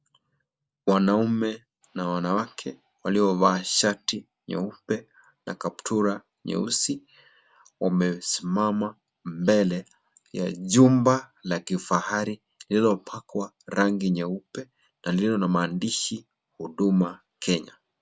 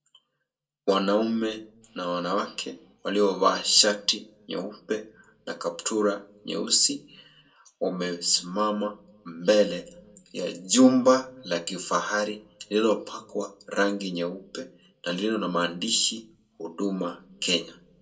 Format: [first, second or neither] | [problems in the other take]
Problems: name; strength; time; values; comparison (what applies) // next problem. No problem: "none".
first | room echo; dies away in 0.2 s